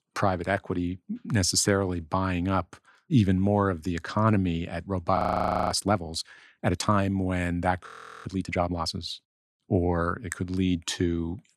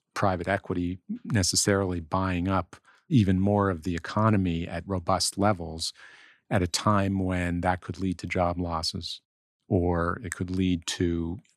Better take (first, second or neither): second